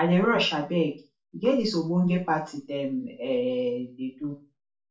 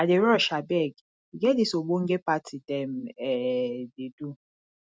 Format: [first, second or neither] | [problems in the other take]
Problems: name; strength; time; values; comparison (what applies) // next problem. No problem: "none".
second | room echo; dies away in 0.3 s